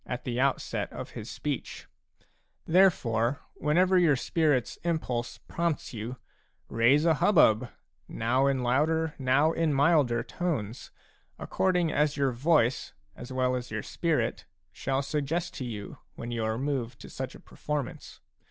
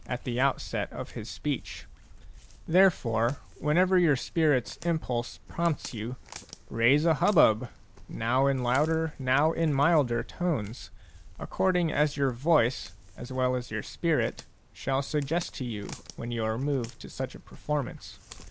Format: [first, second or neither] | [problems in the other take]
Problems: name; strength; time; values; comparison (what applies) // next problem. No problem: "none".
first | background sound (Walk, footsteps); 19 dB below the speech